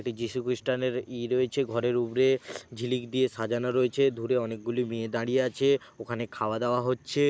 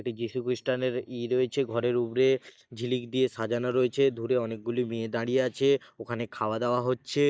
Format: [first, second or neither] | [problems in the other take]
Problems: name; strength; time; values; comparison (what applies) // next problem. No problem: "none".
first | noise reduction (neural mask model DeepFilterNet 3)